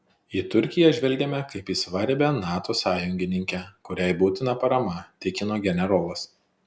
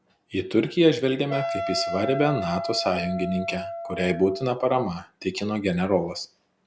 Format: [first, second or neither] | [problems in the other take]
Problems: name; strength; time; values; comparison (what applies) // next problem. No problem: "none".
first | background sound (Wind instrument, woodwind instrument); 6 dB below the speech